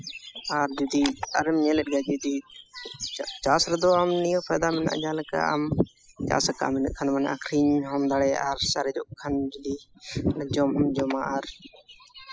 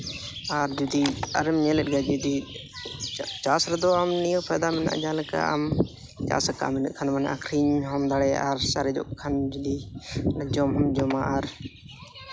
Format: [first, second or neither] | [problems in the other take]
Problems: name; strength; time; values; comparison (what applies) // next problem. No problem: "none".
second | noise reduction (classical method spectral subtraction)